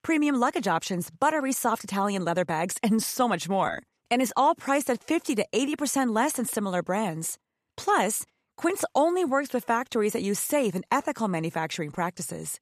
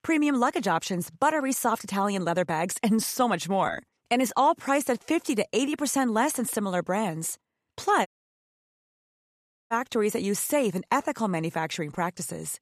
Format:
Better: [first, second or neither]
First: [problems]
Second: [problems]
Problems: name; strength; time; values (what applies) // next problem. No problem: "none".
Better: first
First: none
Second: audio cutting out; at 8 s for 1.5 s